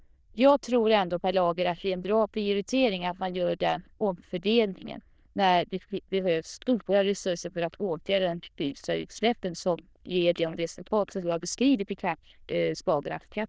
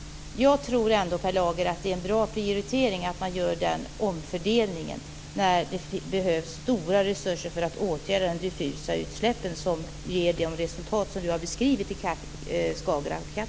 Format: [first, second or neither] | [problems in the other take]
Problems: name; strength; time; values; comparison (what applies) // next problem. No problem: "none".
second | noise reduction (neural diffusion model UNIVERSE++)